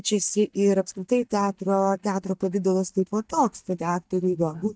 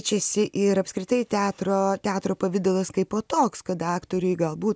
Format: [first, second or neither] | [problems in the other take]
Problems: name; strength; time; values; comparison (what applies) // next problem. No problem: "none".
second | noise reduction (neural mask model DeepFilterNet 3)